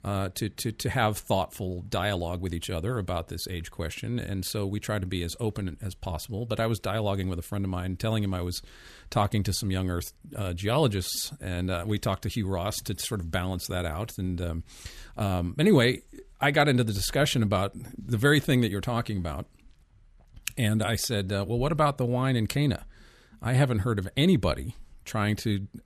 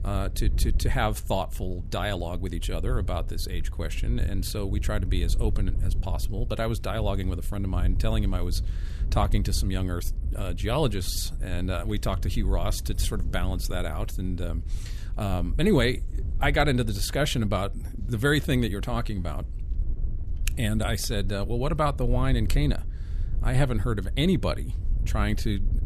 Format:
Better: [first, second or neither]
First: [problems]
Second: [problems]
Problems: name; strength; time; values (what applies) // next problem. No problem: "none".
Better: first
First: none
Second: wind noise on the microphone; occasional gusts; 20 dB below the speech